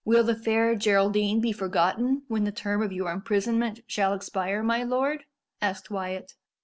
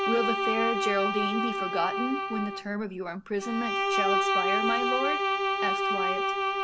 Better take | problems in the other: first | background sound (Bowed string instrument); 4 dB above the speech

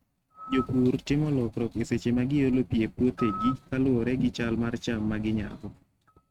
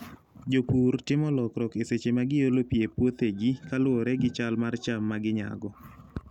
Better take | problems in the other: second | noise reduction (neural mask model RNNoise)

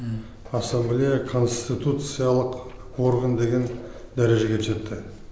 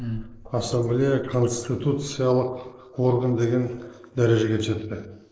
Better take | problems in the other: first | noise reduction (neural mask model Resemble Enhance denoiser)

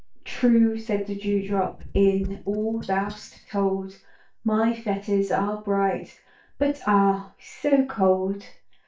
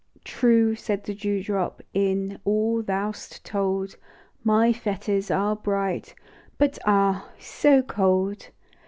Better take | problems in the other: second | noise reduction (neural mask model DeepFilterNet 3)

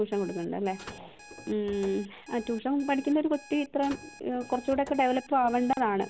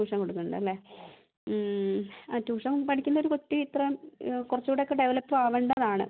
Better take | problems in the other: second | background sound (Alarm + Car); 19 dB below the speech

